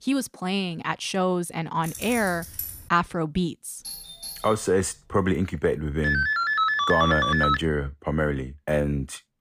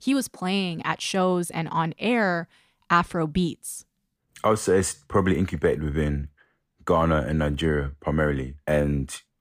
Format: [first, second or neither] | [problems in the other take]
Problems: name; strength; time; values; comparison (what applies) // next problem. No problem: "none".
second | jangling keys; noticeable; from 2 to 3 s; peak 6 dB below the speech // doorbell; noticeable; from 4 to 5 s; peak 9 dB below the speech // phone ringing; loud; from 6 to 7.5 s; peak 4 dB above the speech